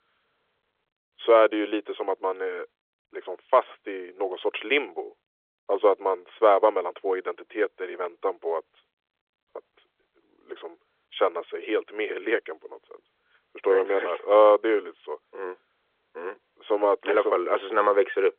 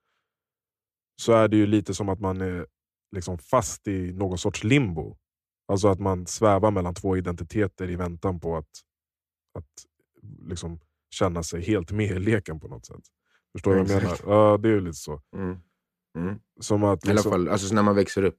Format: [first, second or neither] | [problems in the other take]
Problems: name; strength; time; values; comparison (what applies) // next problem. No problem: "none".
second | phone-call audio; nothing above 3.5 kHz